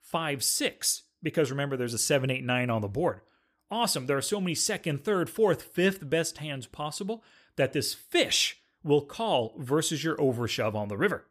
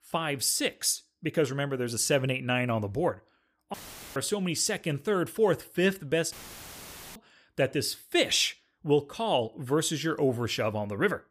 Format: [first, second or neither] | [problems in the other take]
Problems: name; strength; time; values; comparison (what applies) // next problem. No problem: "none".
first | audio cutting out; filled with static; at 3.5 s and at 6.5 s for 1 s